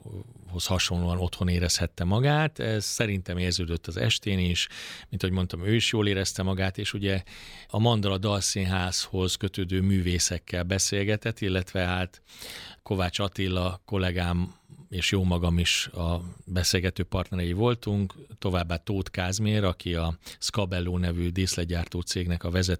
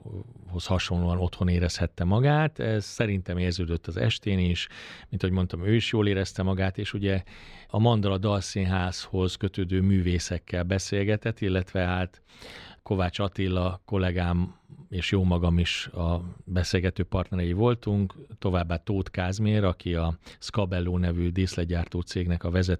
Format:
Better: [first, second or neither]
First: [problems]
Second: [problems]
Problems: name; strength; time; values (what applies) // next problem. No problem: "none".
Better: first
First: none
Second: muffled; slightly; fading above 2 kHz